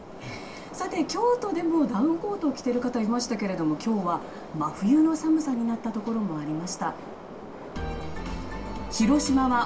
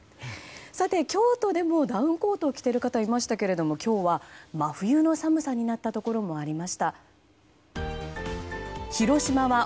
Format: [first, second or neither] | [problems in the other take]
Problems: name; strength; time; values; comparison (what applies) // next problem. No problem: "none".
second | background sound (Subway, metro, underground); 14 dB below the speech // room echo; dies away in 0.2 s